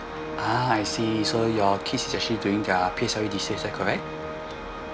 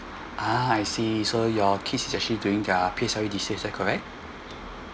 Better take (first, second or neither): second